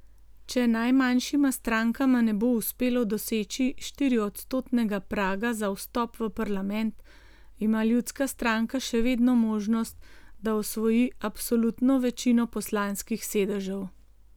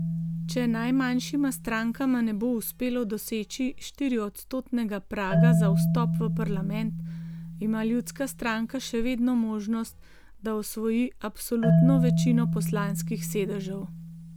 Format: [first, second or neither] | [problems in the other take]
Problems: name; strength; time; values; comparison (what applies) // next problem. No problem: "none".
first | background sound (Marimba, xylophone); as loud as the speech